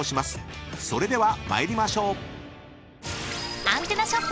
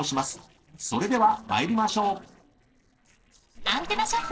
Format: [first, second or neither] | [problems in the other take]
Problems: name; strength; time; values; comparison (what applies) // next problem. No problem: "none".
first | noise reduction (neural separator model SepFormer DNS4)